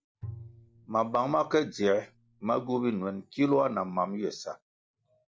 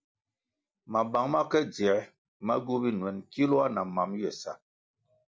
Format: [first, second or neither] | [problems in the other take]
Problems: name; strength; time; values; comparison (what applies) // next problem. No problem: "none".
second | background sound (Bowed string instrument); 19 dB below the speech